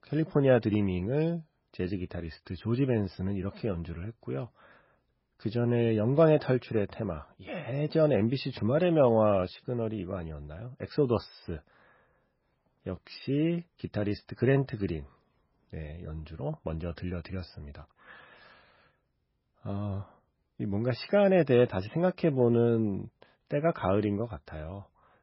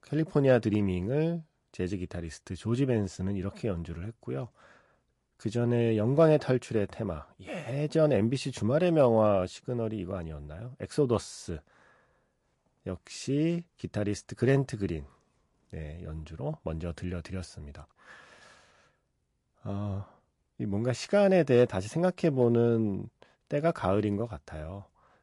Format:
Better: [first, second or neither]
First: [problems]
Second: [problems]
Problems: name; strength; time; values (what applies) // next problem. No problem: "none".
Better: second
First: garbled, watery; badly; nothing above 5.5 kHz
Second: garbled, watery; slightly; nothing above 11 kHz